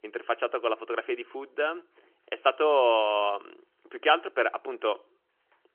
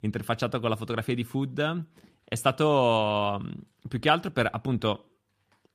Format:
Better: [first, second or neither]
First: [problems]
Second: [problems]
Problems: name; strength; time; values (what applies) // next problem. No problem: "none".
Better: second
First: phone-call audio; nothing above 3 kHz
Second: none